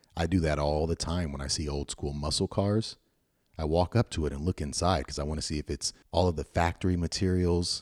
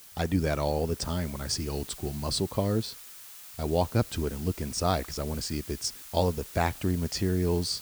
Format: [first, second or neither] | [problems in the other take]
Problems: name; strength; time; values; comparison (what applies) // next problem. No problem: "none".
first | hiss; noticeable; throughout; 15 dB below the speech